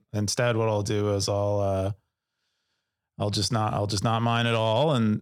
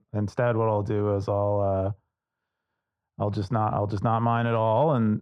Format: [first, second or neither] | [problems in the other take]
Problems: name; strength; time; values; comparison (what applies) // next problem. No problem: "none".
first | muffled; very; fading above 3 kHz